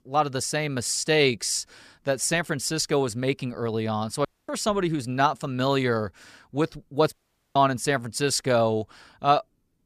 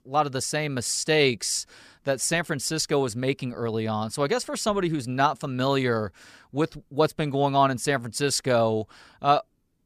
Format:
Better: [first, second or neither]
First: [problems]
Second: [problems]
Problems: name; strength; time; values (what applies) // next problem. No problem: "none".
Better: second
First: audio cutting out; at 4.5 s and at 7 s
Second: none